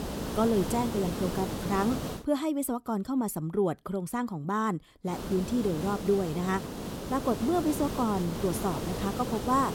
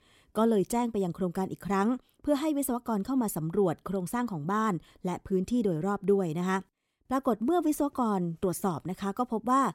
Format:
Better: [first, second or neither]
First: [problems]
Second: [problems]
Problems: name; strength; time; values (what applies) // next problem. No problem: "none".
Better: second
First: hiss; loud; until 2 s and from 5 s on; 5 dB below the speech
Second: none